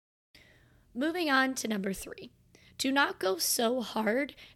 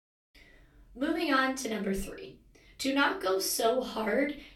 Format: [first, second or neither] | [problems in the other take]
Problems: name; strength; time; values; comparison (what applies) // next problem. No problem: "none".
first | off-mic speech; far // room echo; slight; dies away in 0.3 s